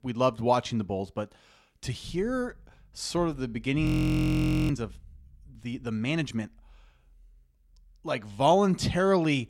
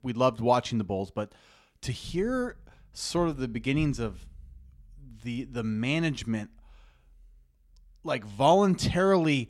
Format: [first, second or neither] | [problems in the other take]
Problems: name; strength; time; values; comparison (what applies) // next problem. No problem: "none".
second | audio freezing; at 4 s for 1 s